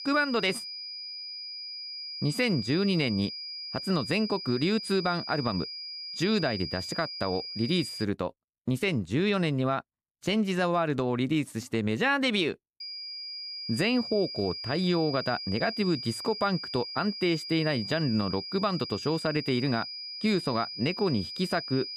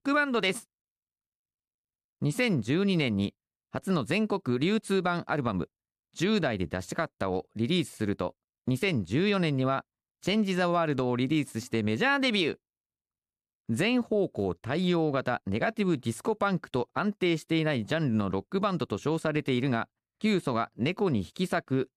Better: second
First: high-pitched whine; loud; until 8 s and from 13 s on; 5 kHz, 7 dB below the speech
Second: none

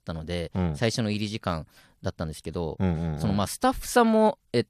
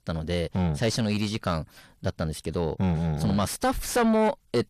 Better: first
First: none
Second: distortion; heavy; 7 dB below the speech

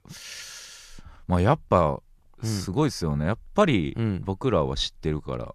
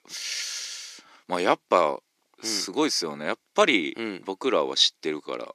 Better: first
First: none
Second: thin; somewhat; fading below 300 Hz

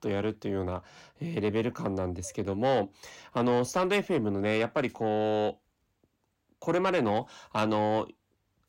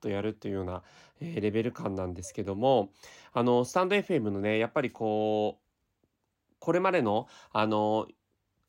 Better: second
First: distortion; slight; 10 dB below the speech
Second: none

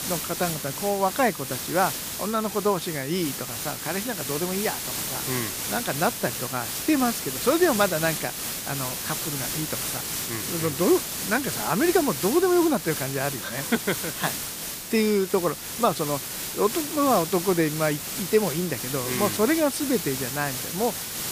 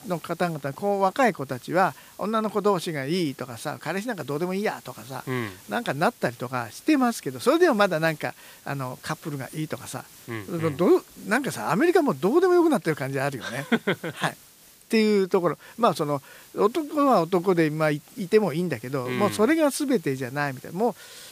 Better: second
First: hiss; loud; throughout; 3 dB below the speech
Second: hiss; faint; throughout; 25 dB below the speech

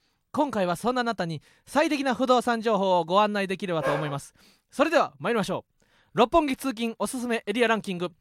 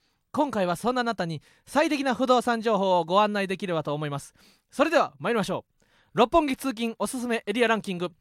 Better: second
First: dog barking; noticeable; at 4 s; peak 5 dB below the speech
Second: none

